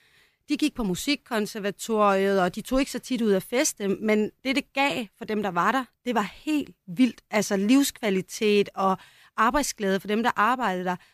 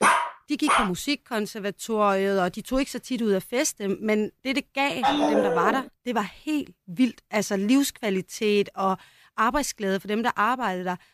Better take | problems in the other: first | dog barking; loud; at the start and at 5 s; peak 5 dB above the speech

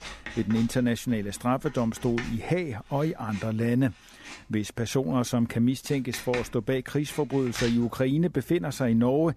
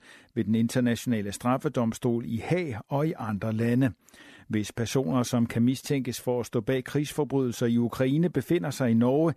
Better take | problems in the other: second | household noises; noticeable; throughout; 15 dB below the speech

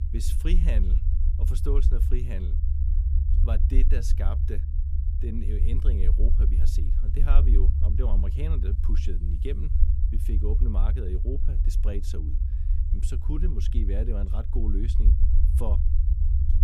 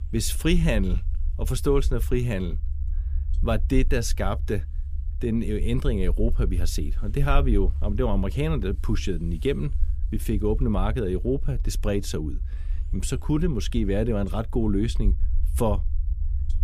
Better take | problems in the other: second | low rumble; loud; throughout; 5 dB below the speech; faint in the second

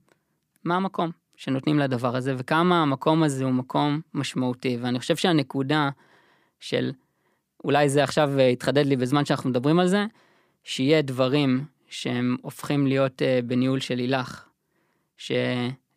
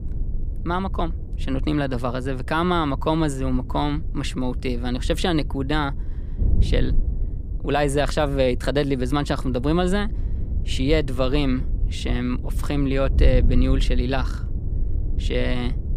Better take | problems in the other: first | wind noise on the microphone; occasional gusts; 20 dB below the speech

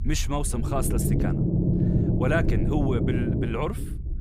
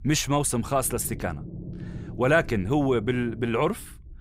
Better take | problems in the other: second | low rumble; loud; throughout; 2 dB below the speech; faint in the second

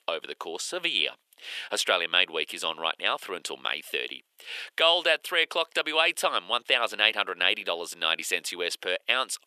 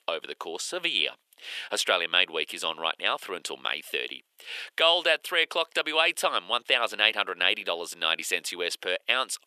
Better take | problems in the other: neither | thin; very; fading below 450 Hz; the same in both

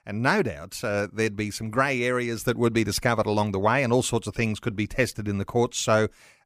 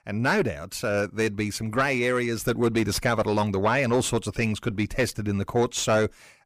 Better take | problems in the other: first | distortion; slight; 10 dB below the speech

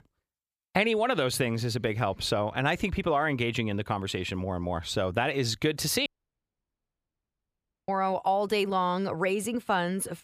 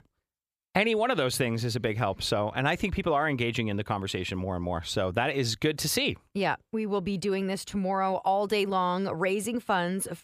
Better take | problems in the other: second | audio cutting out; at 6 s for 2 s

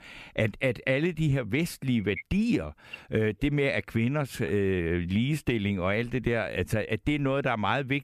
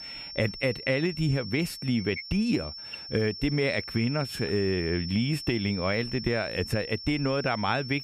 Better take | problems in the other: first | high-pitched whine; loud; throughout; 5.5 kHz, 9 dB below the speech

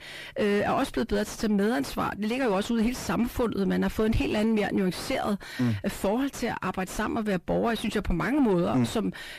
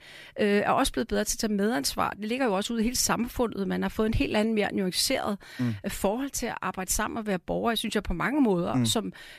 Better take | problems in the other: second | distortion; heavy; 7 dB below the speech

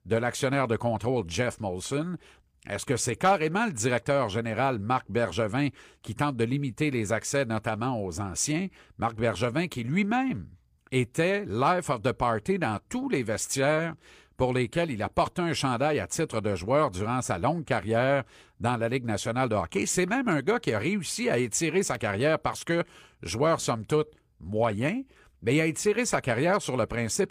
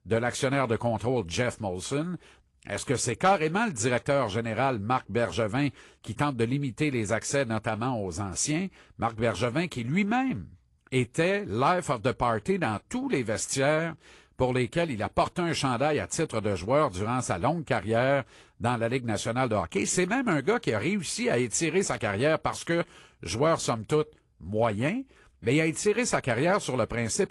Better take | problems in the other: first | garbled, watery; slightly; nothing above 11 kHz

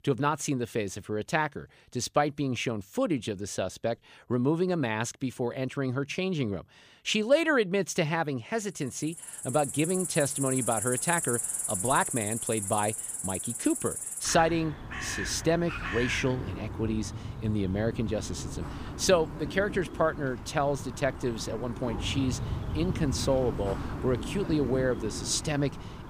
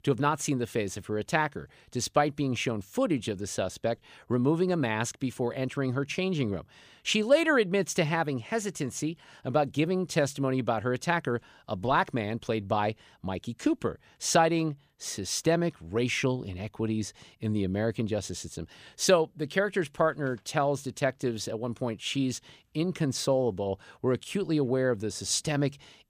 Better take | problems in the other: second | animal sounds; loud; from 9 s on; 5 dB below the speech

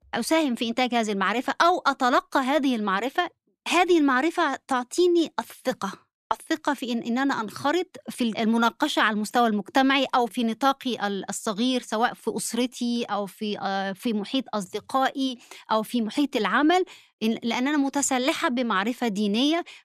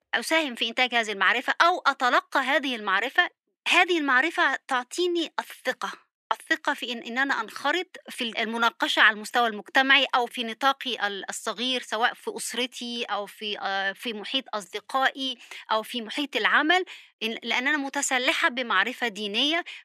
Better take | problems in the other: first | thin; somewhat; fading below 350 Hz

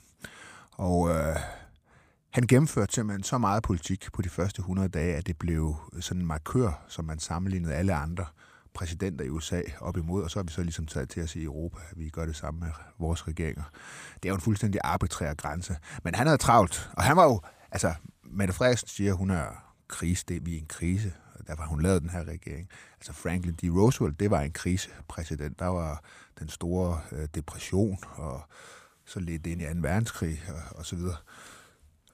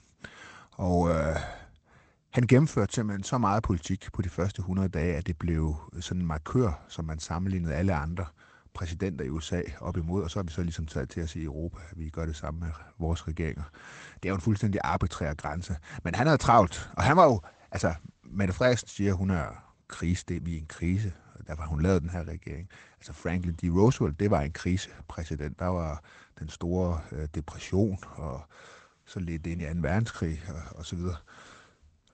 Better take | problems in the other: first | garbled, watery; slightly; nothing above 8 kHz

